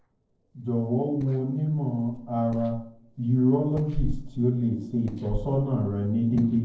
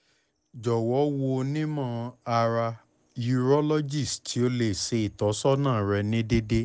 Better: second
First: noise reduction (neural separator model SepFormer DNS4)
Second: none

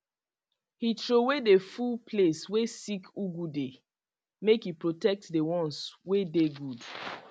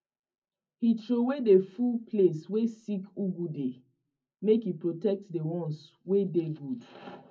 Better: first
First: none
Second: room echo; dies away in 0.3 s

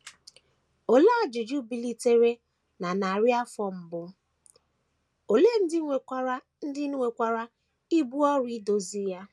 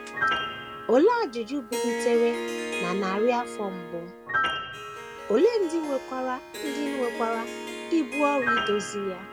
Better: first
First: none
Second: background sound (Harp + Piano); 5 dB below the speech

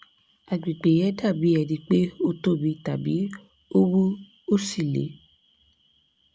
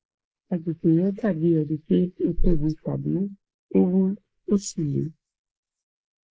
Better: first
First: none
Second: noise reduction (neural mask model Resemble Enhance denoiser)

